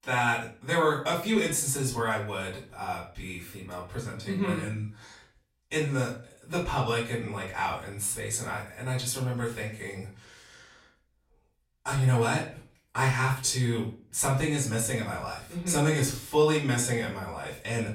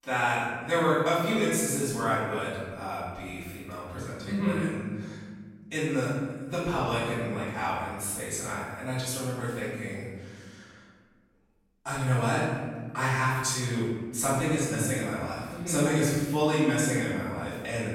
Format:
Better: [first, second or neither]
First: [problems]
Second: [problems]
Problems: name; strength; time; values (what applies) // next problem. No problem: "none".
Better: first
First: room echo; slight; dies away in 0.3 s // off-mic speech; far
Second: room echo; strong; dies away in 1.5 s // off-mic speech; far